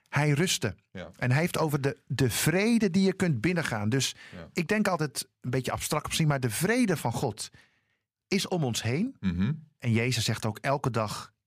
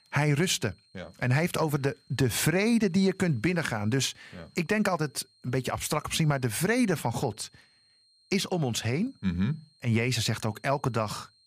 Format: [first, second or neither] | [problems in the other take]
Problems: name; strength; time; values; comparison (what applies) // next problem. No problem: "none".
first | high-pitched whine; faint; throughout; 4 kHz, 35 dB below the speech